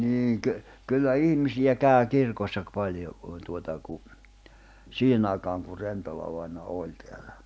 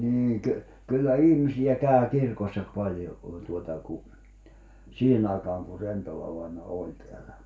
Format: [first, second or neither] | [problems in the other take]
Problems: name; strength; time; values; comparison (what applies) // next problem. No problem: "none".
first | room echo; dies away in 0.3 s